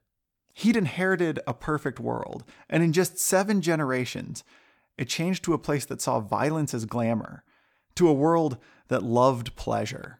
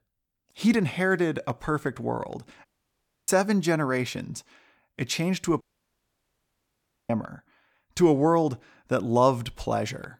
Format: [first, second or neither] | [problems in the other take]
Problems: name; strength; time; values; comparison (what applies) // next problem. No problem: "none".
first | audio cutting out; at 2.5 s for 0.5 s and at 5.5 s for 1.5 s